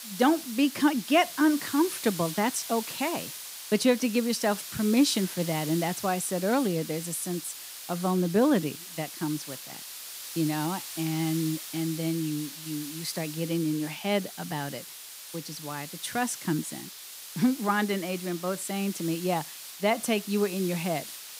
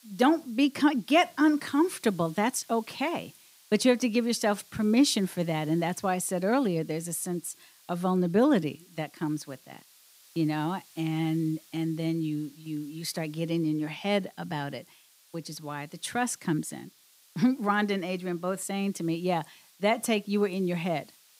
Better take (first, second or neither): second